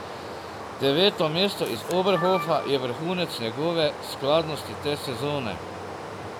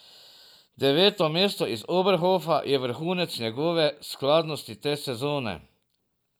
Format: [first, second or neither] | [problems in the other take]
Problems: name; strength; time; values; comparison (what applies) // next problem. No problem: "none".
second | background sound (Camera + Stream); 9 dB below the speech